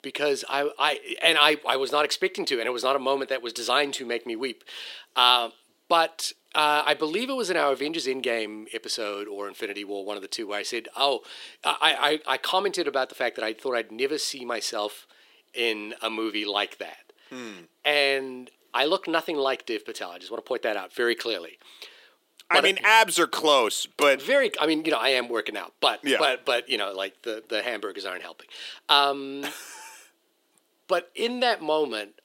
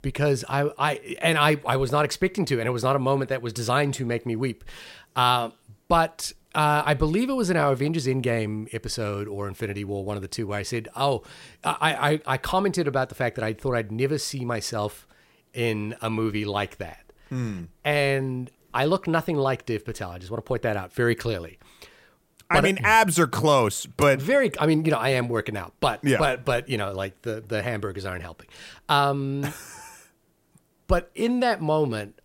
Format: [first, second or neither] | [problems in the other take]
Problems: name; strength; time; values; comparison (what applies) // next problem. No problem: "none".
second | thin; somewhat; fading below 300 Hz